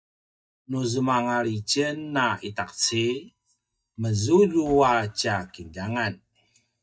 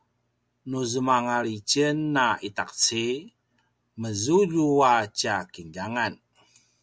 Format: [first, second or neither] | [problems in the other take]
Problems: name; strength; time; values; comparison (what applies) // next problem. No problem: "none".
second | noise reduction (neural mask model DeepFilterNet 3)